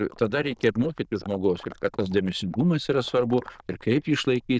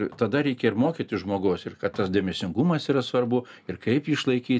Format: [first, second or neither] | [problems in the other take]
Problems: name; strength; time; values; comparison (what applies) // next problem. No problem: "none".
second | noise reduction (neural diffusion model UNIVERSE++)